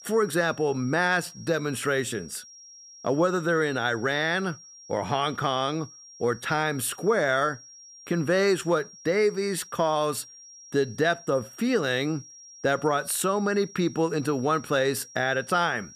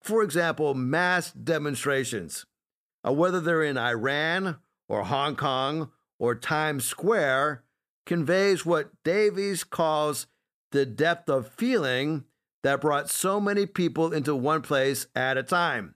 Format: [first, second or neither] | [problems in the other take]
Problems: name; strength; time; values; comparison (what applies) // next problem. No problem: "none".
second | high-pitched whine; noticeable; throughout; 5.5 kHz, 20 dB below the speech